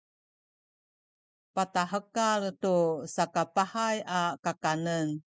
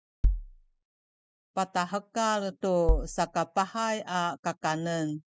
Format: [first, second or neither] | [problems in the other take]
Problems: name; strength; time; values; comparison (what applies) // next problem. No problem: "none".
first | background sound (Bass drum); 3 dB above the speech